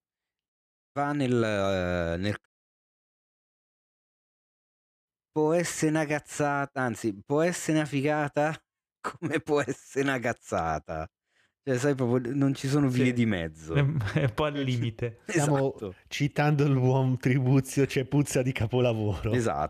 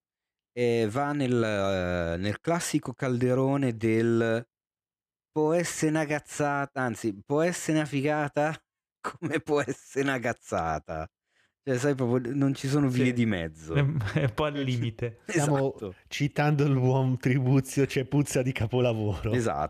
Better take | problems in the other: second | audio cutting out; at 0.5 s and at 2.5 s for 2.5 s

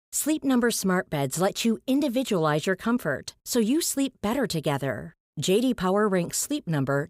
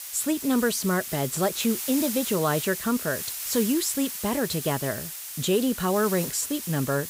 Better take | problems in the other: first | hiss; loud; throughout; 6 dB below the speech

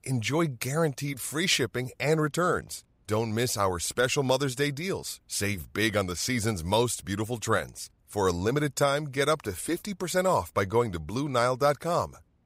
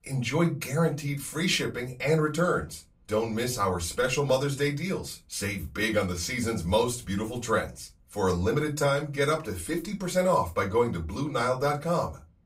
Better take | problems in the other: first | off-mic speech; far // room echo; very slight; dies away in 0.2 s

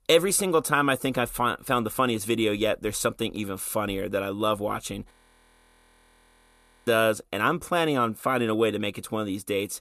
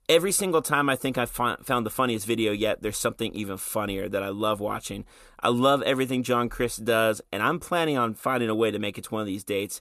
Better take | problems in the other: second | audio freezing; at 5 s for 2 s

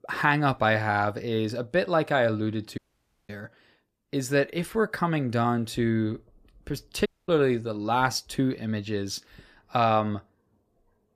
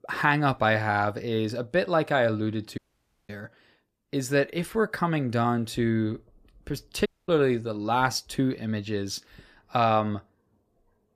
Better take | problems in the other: neither | audio cutting out; at 3 s for 0.5 s and at 7 s; the same in both

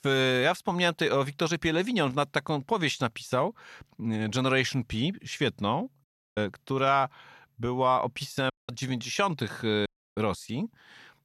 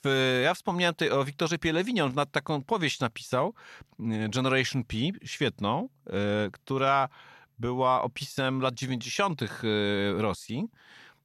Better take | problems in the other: second | audio cutting out; at 6 s, at 8.5 s and at 10 s

